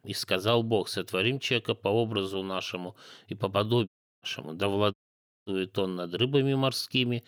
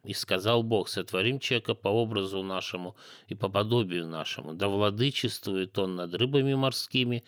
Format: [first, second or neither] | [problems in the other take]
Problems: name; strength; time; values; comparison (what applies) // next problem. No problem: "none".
second | audio cutting out; at 4 s and at 5 s for 0.5 s